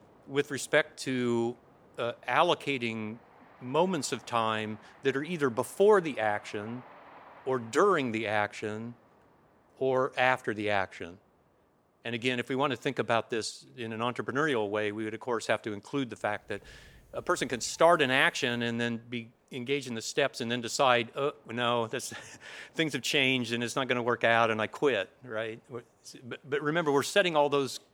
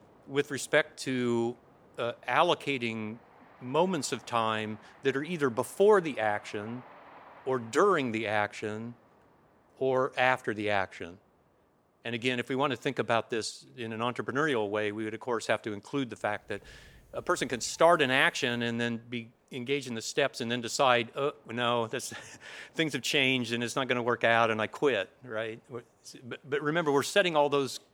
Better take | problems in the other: neither | train or aircraft noise; faint; throughout; 30 dB below the speech; the same in both

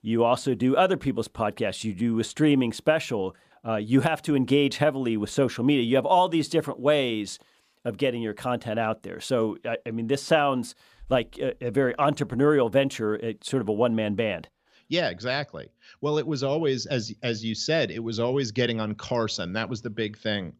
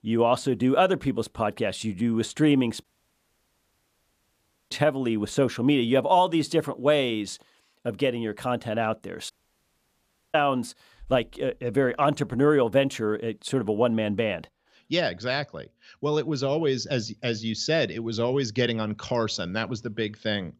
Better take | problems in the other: first | audio cutting out; at 3 s for 2 s and at 9.5 s for 1 s

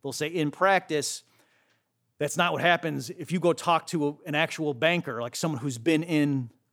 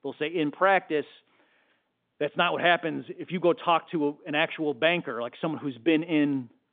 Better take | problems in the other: first | phone-call audio; nothing above 3.5 kHz

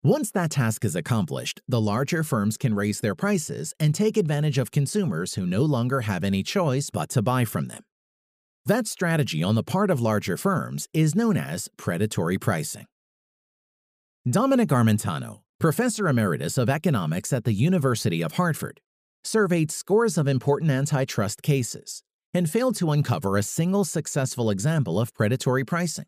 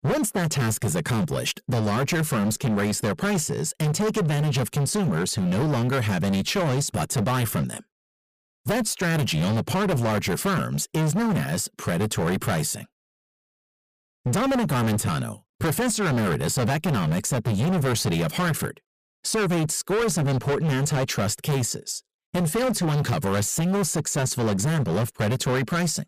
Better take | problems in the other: first | distortion; heavy; 29% of the sound clipped

